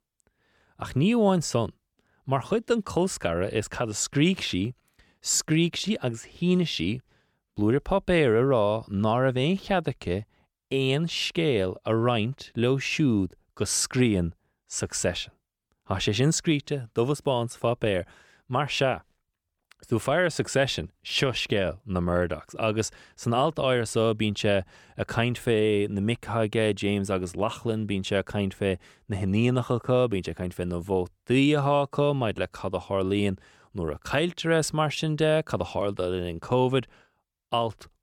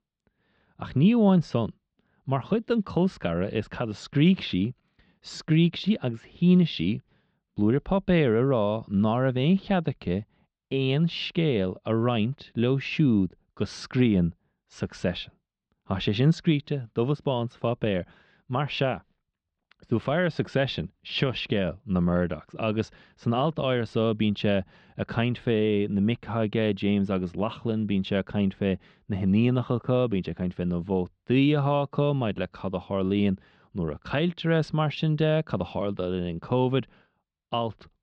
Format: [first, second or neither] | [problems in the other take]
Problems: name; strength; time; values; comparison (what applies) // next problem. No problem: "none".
first | muffled; slightly; fading above 4 kHz